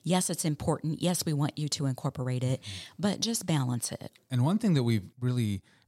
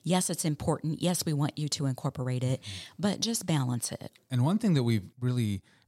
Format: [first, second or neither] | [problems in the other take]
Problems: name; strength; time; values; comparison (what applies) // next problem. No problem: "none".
neither | none